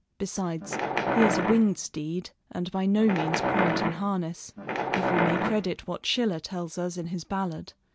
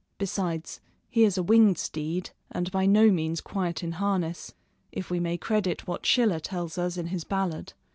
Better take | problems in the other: second | background sound (Wild animals); as loud as the speech

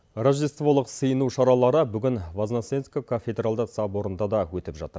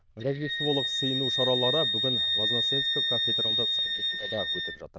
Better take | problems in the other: first | noise reduction (neural diffusion model UNIVERSE++)

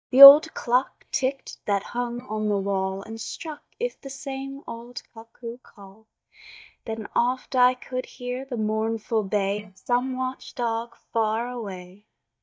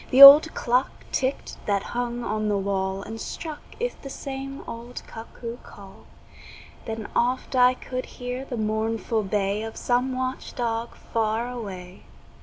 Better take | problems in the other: second | noise reduction (neural mask model DeepFilterNet 3)

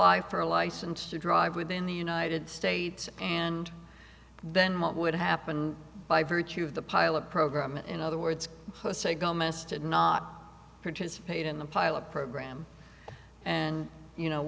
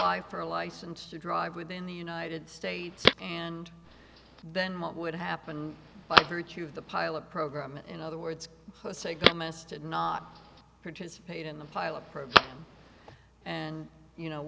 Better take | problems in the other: first | background sound (Telephone); 2 dB above the speech

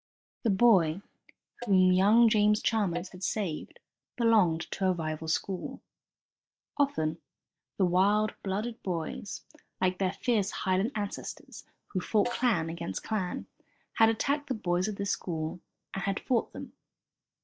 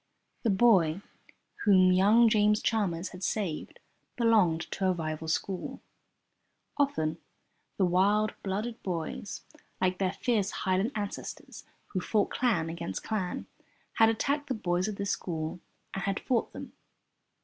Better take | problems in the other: second | noise reduction (neural mask model DeepFilterNet 3)

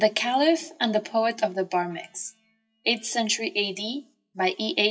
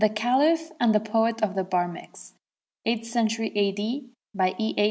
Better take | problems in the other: second | noise reduction (classical method WPE with log-MMSE)

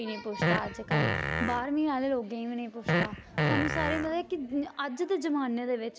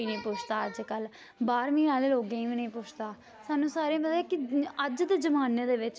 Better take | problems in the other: second | background sound (Fart); 1 dB above the speech

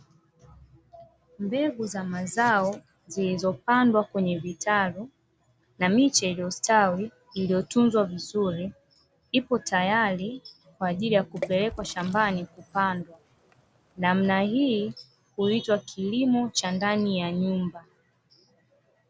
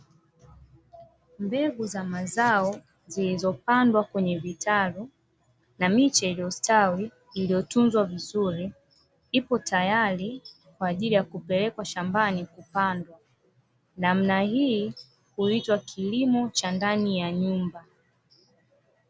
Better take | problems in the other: second | background sound (Water / Splash, splatter); 16 dB below the speech

